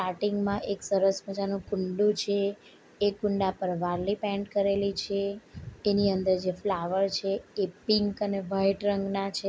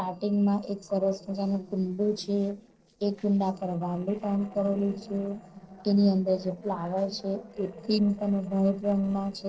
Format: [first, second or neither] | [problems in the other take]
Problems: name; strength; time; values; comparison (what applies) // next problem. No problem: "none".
first | noise reduction (neural separator model SepFormer DNS4)